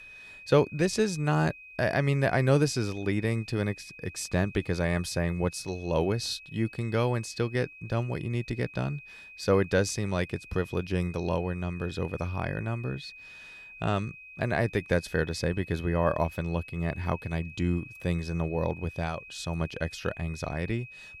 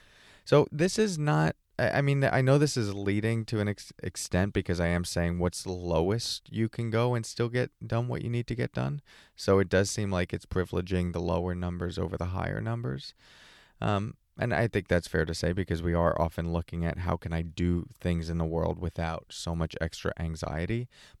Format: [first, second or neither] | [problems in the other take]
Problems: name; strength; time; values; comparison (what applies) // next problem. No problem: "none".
second | high-pitched whine; noticeable; throughout; 2.5 kHz, 15 dB below the speech